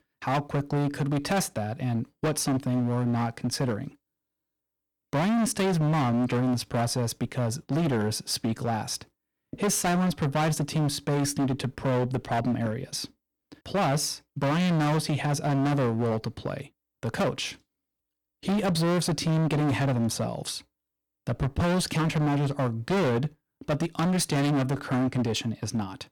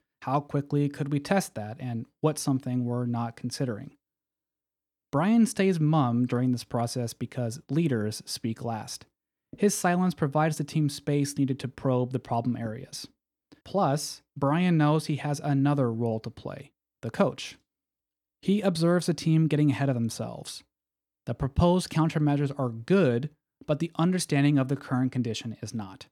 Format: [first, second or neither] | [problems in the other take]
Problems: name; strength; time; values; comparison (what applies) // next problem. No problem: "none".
second | distortion; heavy; 21% of the sound clipped